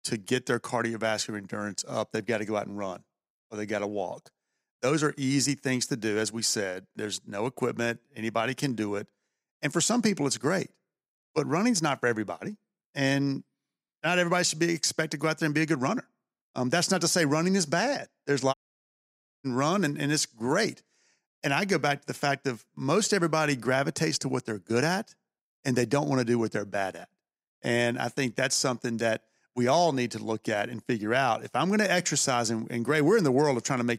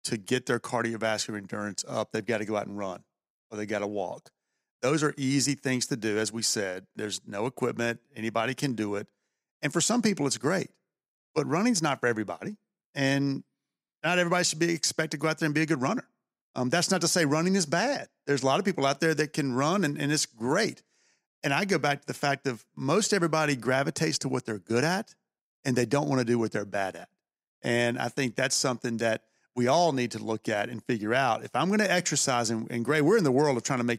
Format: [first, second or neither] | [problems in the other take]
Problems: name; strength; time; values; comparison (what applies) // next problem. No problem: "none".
second | audio cutting out; at 19 s for 1 s